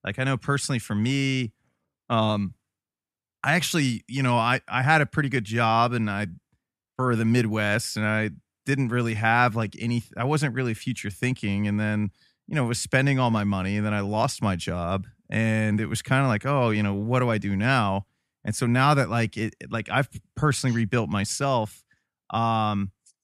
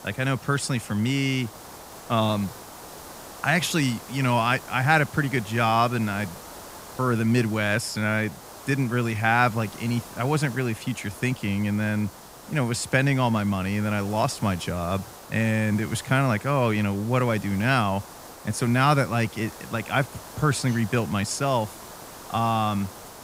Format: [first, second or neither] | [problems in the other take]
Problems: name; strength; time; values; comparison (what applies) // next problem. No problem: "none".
first | hiss; noticeable; throughout; 15 dB below the speech